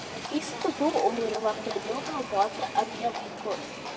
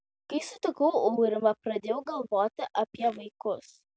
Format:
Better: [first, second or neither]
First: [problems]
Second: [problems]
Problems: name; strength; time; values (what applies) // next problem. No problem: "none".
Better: second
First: background sound (Livestock, farm animals, working animals); 7 dB below the speech // room echo; dies away in 0.6 s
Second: none